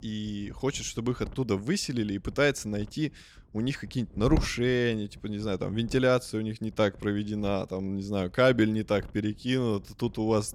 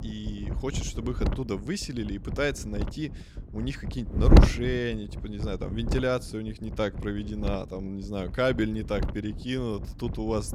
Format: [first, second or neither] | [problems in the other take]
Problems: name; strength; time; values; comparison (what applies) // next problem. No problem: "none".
first | wind noise on the microphone; heavy; 4 dB below the speech; occasional gusts in the first